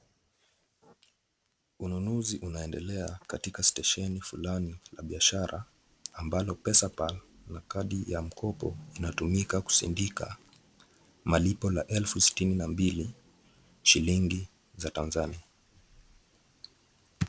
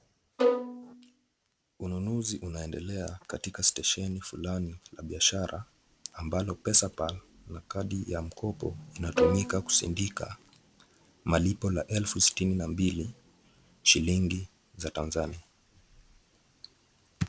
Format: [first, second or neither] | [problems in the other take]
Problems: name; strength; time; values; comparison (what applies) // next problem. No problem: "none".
first | background sound (Bowed string instrument); 2 dB above the speech